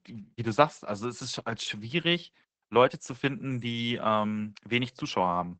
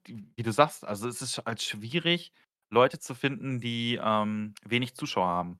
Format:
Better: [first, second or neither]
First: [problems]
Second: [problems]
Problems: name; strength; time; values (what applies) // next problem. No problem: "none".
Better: second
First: garbled, watery; badly; nothing above 8 kHz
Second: none